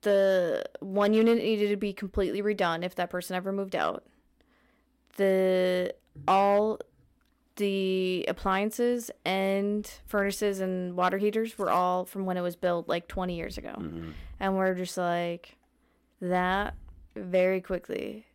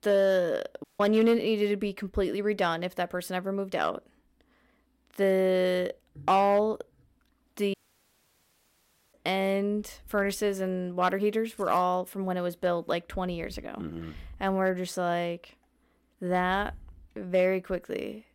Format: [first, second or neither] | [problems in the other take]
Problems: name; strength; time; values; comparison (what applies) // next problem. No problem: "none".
first | audio cutting out; at 1 s and at 7.5 s for 1.5 s